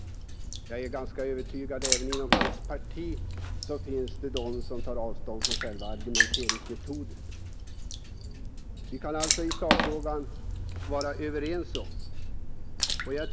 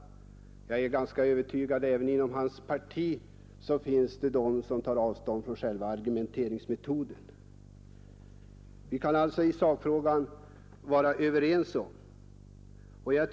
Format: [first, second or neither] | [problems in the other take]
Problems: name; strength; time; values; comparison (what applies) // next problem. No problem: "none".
second | background sound (Water / Splash, splatter); 4 dB above the speech